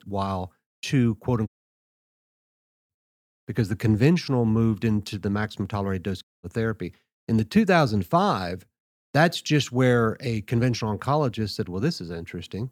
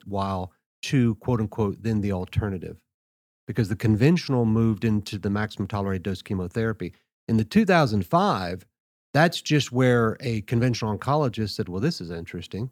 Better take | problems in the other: second | audio cutting out; at 1.5 s for 1.5 s and at 6 s

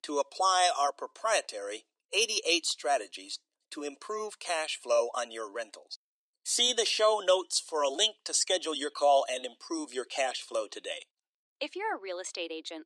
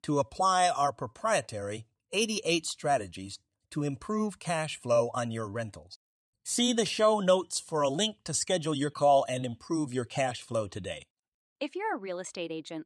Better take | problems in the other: second | thin; somewhat; fading below 350 Hz

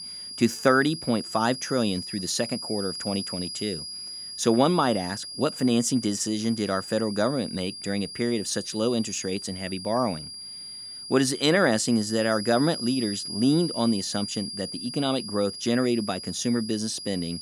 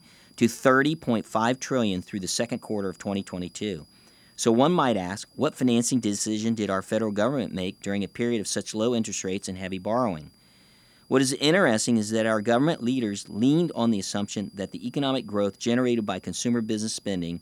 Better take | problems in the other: second | high-pitched whine; loud; throughout; 5 kHz, 9 dB below the speech; faint in the second

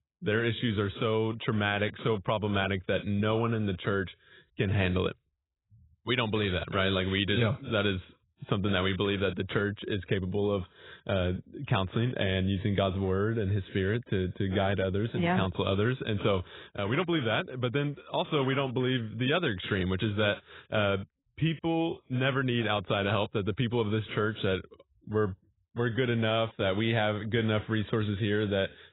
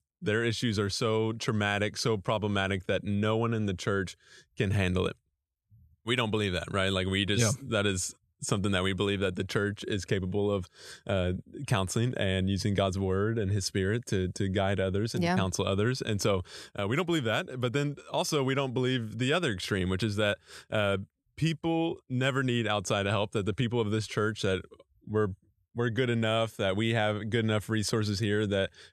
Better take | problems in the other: second | garbled, watery; badly; nothing above 4 kHz

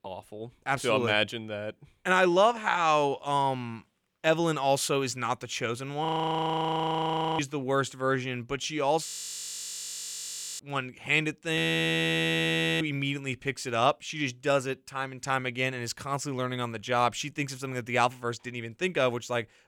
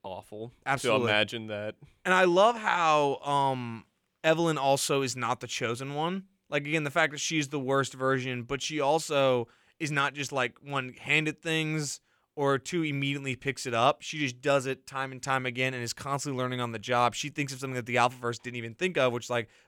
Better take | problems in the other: second | audio freezing; at 6 s for 1.5 s, at 9 s for 1.5 s and at 12 s for 1 s

